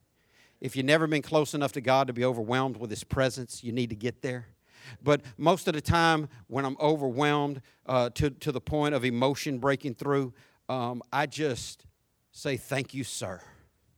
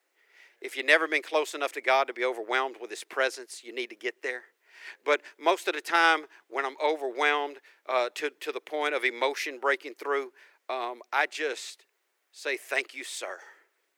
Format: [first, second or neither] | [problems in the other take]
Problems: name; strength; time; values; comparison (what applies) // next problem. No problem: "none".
first | thin; very; fading below 350 Hz